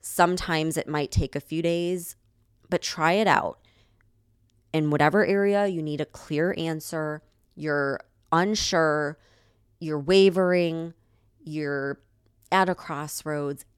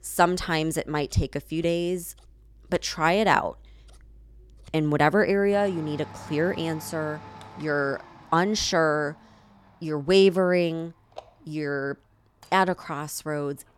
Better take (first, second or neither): first